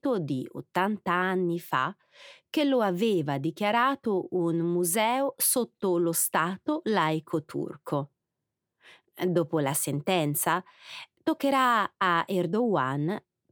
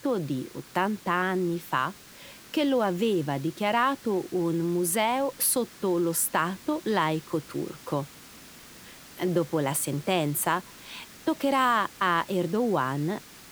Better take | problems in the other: first | hiss; noticeable; throughout; 20 dB below the speech

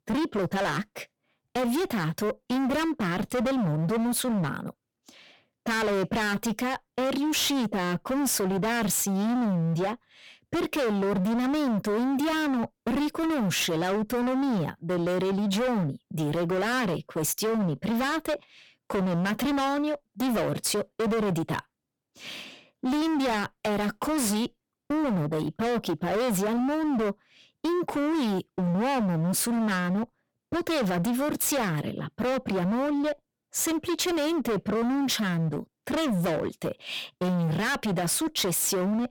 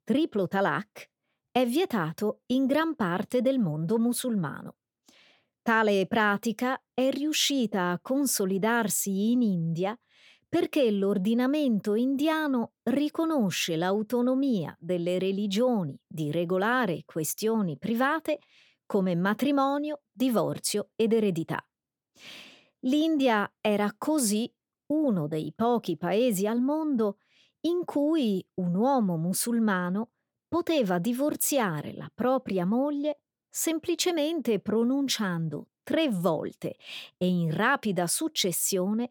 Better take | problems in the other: second | distortion; heavy; 35% of the sound clipped

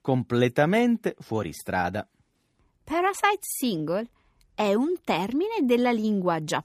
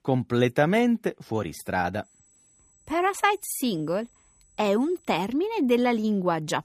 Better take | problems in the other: first | high-pitched whine; faint; from 2 to 5.5 s; 8 kHz, 35 dB below the speech

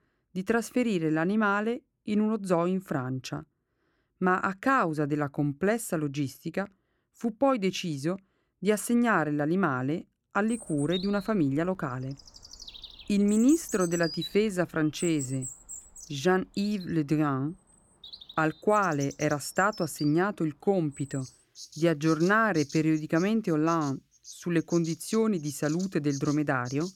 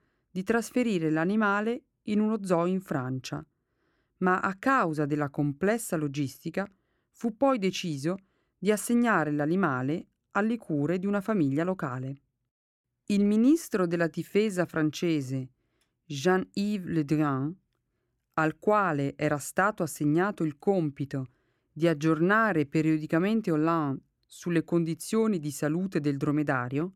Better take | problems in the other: second | animal sounds; noticeable; from 10 s on; 15 dB below the speech

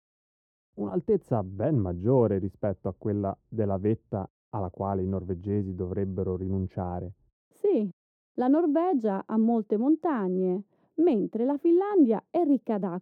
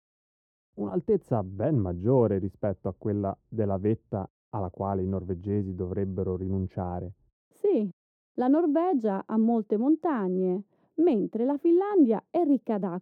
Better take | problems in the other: neither | muffled; very; fading above 1.5 kHz; the same in both

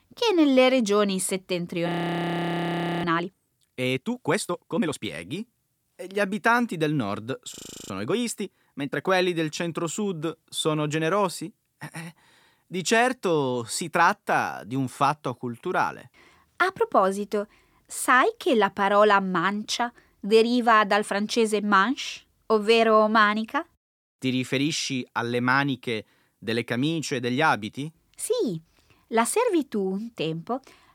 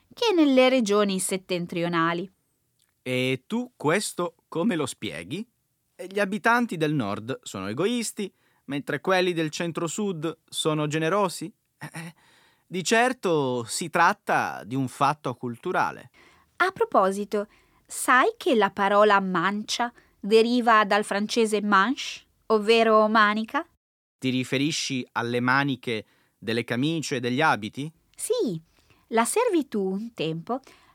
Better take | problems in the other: second | audio freezing; at 2 s for 1 s and at 7.5 s

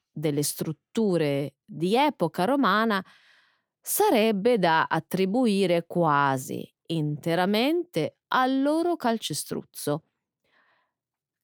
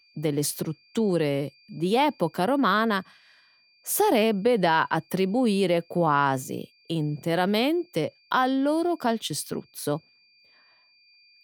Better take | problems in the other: first | high-pitched whine; faint; throughout; 4.5 kHz, 35 dB below the speech

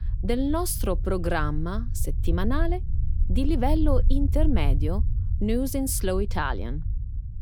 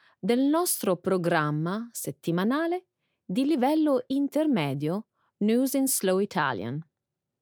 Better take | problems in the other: second | low rumble; noticeable; throughout; 15 dB below the speech

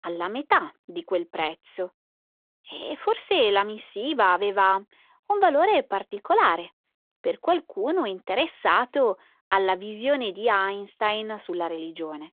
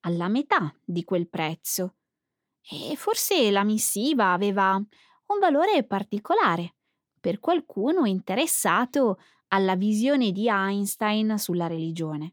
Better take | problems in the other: second | phone-call audio

